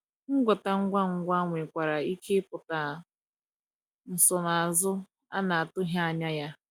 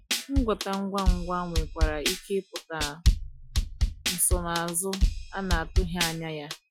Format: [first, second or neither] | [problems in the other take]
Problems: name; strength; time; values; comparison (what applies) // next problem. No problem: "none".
first | noise reduction (classical method Wiener filter)